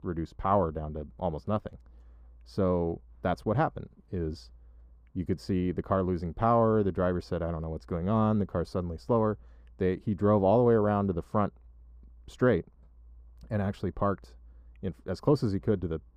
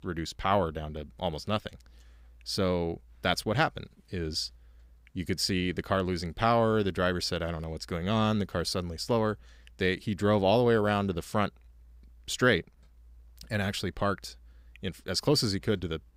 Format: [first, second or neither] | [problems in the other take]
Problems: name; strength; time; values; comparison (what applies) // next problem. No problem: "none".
second | muffled; very; fading above 1.5 kHz